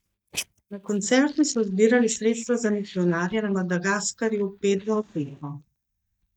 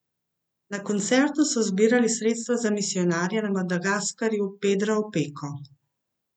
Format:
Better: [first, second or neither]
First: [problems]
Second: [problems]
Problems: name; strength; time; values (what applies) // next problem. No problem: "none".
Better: second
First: noise reduction (neural mask model DeepFilterNet 3)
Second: none